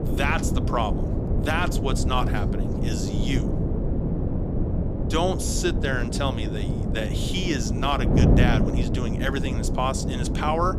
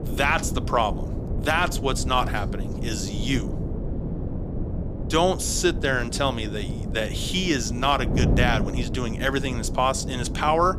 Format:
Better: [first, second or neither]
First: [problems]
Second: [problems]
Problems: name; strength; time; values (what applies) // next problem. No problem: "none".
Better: second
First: wind noise on the microphone; heavy; 5 dB below the speech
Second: wind noise on the microphone; occasional gusts; 15 dB below the speech